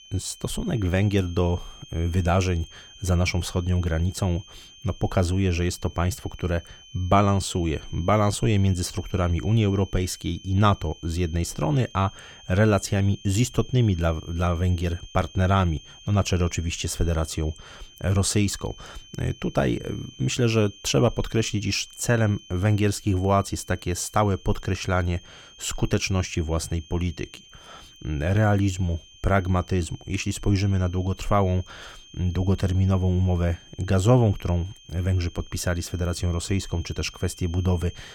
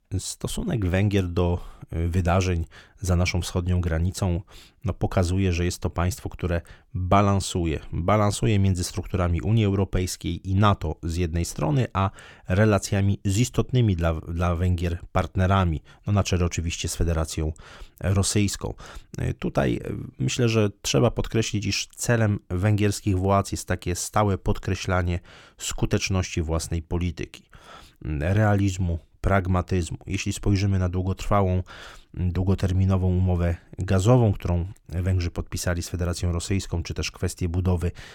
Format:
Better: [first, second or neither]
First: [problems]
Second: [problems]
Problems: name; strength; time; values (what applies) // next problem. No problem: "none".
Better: second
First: high-pitched whine; faint; throughout; 3 kHz, 20 dB below the speech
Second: none